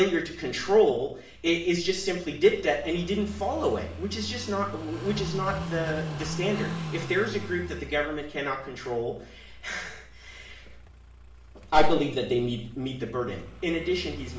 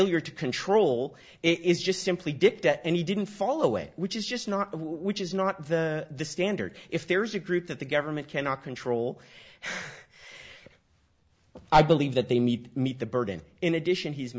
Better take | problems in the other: second | background sound (Car passing by / Idling); 12 dB below the speech // room echo; dies away in 0.5 s

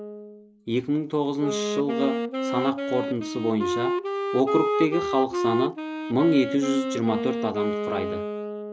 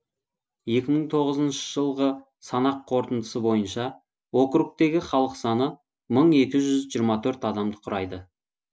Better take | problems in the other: second | background sound (Wind instrument, woodwind instrument); 2 dB below the speech

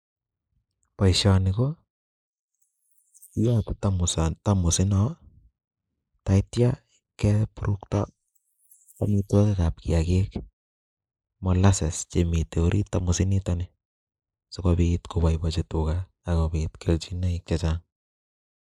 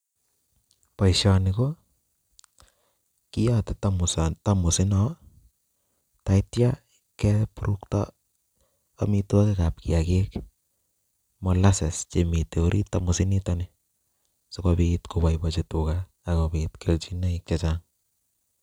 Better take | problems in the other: second | noise reduction (neural mask model Resemble Enhance denoiser)

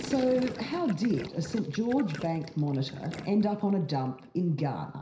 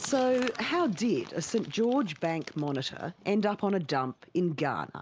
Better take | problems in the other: second | background sound (Gurgling); 15 dB below the speech // room echo; dies away in 0.5 s

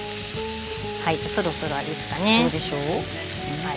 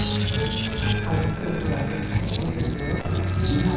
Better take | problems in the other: first | noise reduction (neural separator model SepFormer DNS4)

